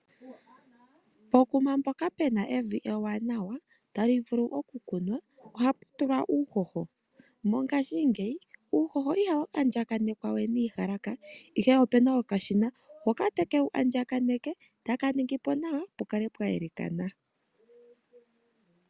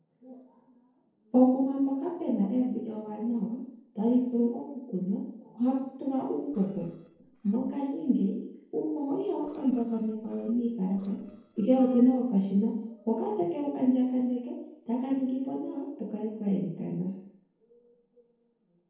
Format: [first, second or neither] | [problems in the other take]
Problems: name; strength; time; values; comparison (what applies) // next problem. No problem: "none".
first | noise reduction (neural separator model SepFormer DNS4)